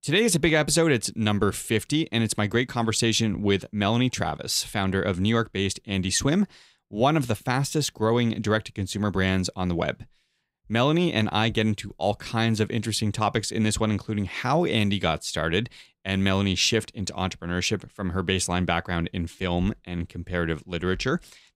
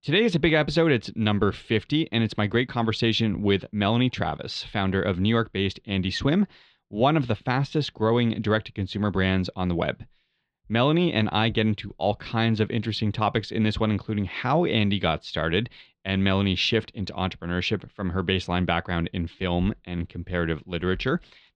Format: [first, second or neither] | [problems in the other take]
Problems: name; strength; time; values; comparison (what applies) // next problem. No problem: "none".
first | muffled; slightly; fading above 4 kHz